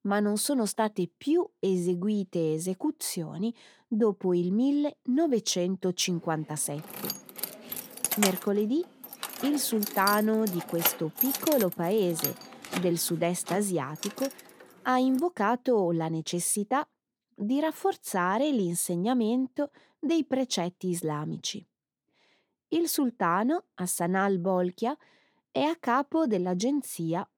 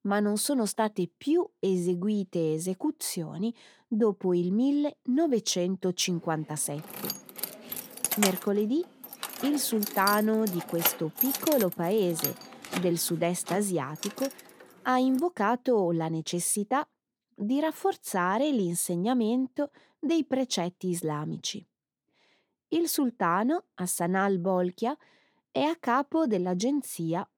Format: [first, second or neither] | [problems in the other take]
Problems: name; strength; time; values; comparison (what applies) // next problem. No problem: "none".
neither | jangling keys; loud; from 7 to 14 s; peak 2 dB above the speech; the same in both